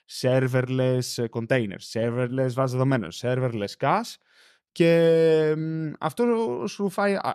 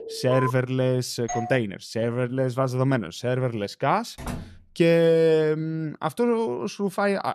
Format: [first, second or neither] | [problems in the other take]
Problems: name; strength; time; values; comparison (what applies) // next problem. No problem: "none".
first | alarm; noticeable; at the start; peak 7 dB below the speech // doorbell; noticeable; at 1.5 s; peak 8 dB below the speech // door banging; faint; at 4 s; peak 10 dB below the speech